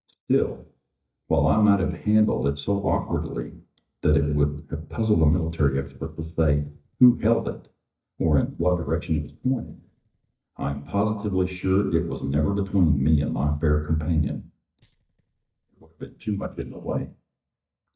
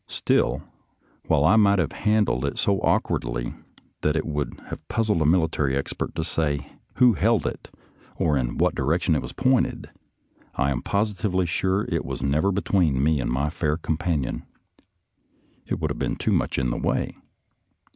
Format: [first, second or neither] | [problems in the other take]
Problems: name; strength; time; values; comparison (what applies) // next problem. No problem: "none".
second | noise reduction (neural mask model DeepFilterNet 3)